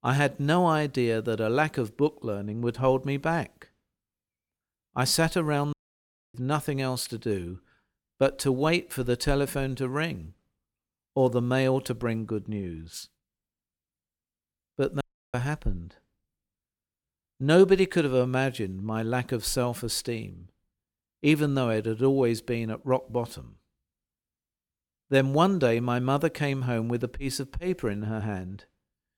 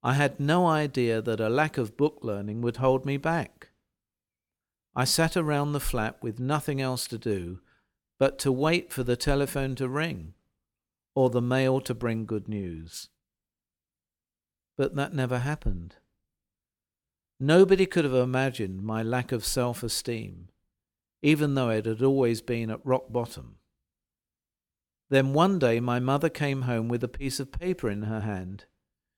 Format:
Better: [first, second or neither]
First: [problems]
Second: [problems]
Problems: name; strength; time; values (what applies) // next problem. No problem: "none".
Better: second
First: audio cutting out; at 5.5 s for 0.5 s and at 15 s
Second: none